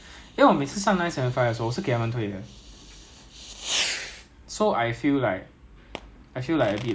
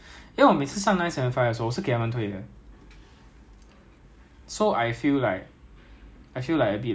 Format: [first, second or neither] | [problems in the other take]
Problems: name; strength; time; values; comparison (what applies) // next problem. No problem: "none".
second | background sound (Fireworks); 12 dB below the speech